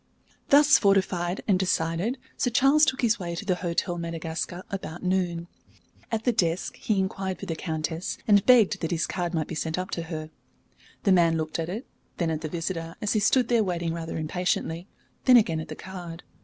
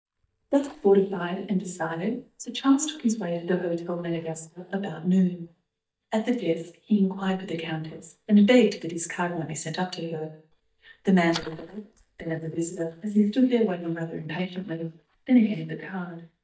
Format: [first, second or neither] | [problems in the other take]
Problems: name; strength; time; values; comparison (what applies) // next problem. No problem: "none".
first | noise reduction (neural mask model DeepFilterNet 3)